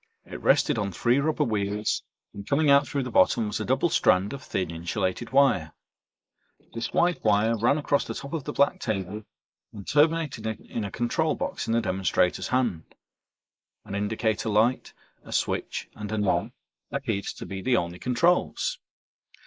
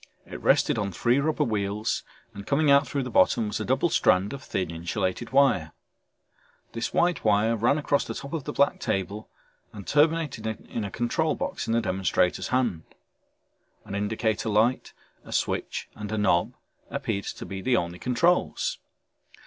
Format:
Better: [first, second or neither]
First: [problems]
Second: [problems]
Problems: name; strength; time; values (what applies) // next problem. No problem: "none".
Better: second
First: noise reduction (neural mask model Resemble Enhance denoiser)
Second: none